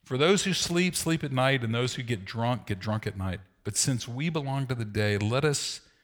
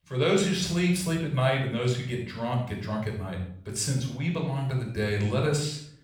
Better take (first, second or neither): first